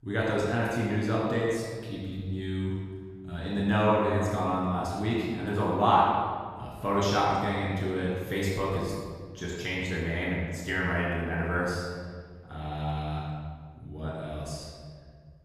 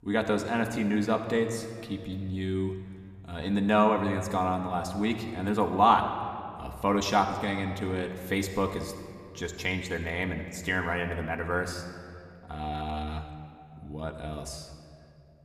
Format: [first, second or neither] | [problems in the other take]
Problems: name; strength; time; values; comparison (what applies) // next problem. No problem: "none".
second | room echo; strong; dies away in 1.7 s; slight in the second // off-mic speech; far